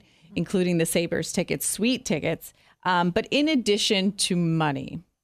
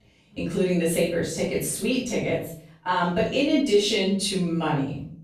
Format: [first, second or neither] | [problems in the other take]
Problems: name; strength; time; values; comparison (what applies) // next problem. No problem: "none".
first | off-mic speech; far // room echo; noticeable; dies away in 0.5 s